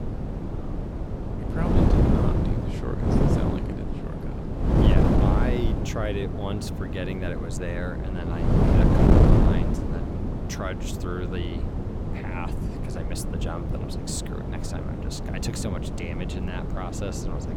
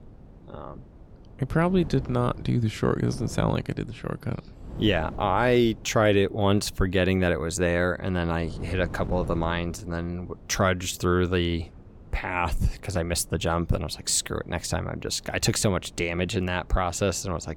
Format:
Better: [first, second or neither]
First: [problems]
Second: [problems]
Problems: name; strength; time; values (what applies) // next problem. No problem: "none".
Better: second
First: wind noise on the microphone; heavy; 3 dB above the speech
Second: wind noise on the microphone; occasional gusts; 25 dB below the speech